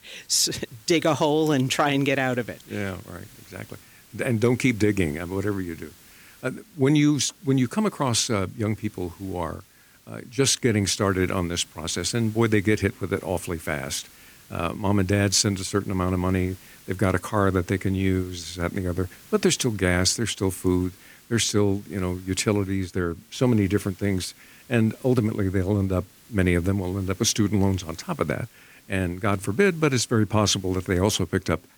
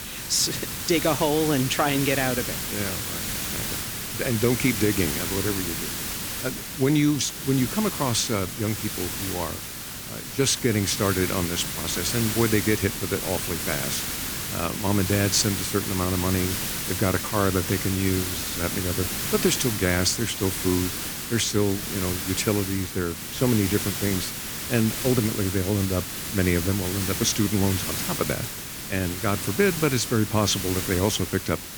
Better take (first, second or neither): first